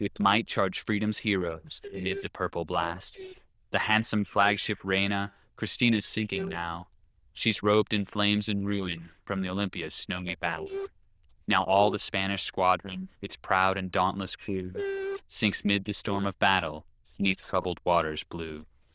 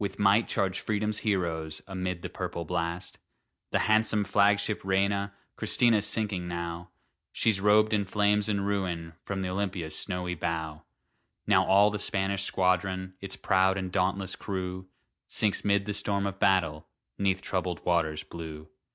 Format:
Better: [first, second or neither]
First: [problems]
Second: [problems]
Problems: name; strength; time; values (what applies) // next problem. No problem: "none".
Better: second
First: noise reduction (neural diffusion model UNIVERSE++)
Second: none